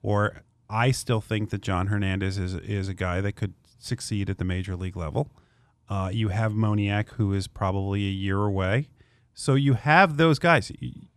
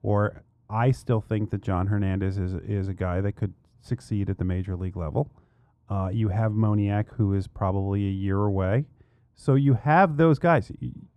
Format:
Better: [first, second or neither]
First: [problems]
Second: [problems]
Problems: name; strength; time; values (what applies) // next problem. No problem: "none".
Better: first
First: none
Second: muffled; slightly; fading above 1.5 kHz